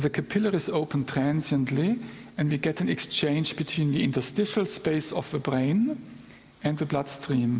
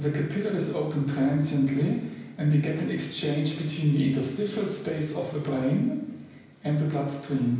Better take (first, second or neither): first